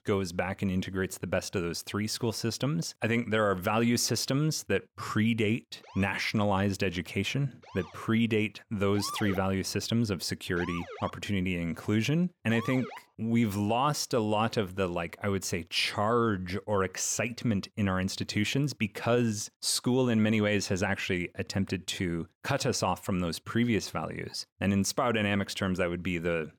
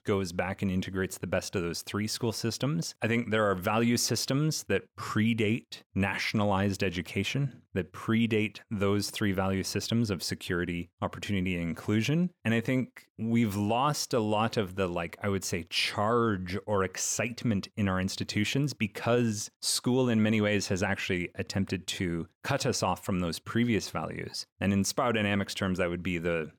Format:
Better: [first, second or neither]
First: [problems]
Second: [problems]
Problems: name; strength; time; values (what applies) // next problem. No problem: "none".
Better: second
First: siren; noticeable; from 6 to 13 s; peak 9 dB below the speech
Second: none